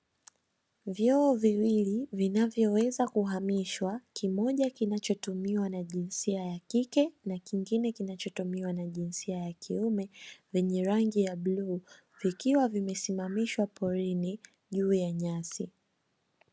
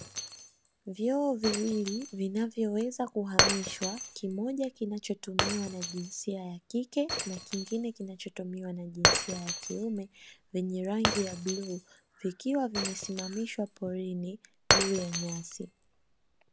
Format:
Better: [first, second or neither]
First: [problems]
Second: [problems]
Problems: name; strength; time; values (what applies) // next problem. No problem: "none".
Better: first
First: none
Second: background sound (Shatter); 1 dB below the speech